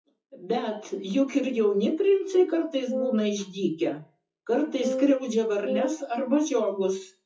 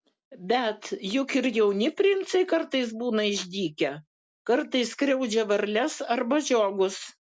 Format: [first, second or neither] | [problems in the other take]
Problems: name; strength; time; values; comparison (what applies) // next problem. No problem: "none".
second | noise reduction (classical method WPE with log-MMSE)